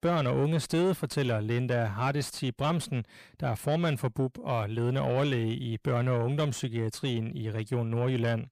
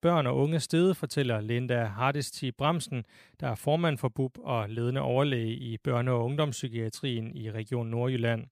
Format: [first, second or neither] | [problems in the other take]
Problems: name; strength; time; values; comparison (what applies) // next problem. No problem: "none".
second | distortion; slight; 10 dB below the speech